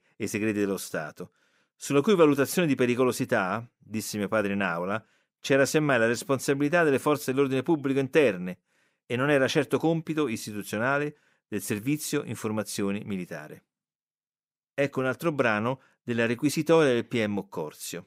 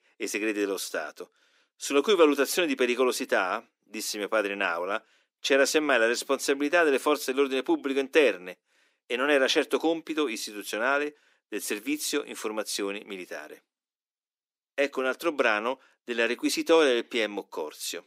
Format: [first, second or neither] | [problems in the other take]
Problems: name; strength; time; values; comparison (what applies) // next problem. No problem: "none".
first | thin; very slightly; fading below 300 Hz